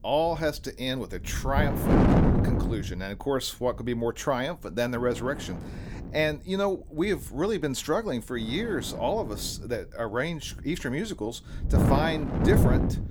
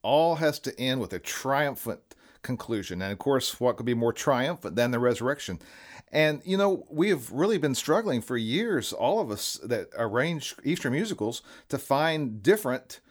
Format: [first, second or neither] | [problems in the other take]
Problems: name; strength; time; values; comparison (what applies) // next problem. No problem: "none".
second | wind noise on the microphone; heavy; 2 dB below the speech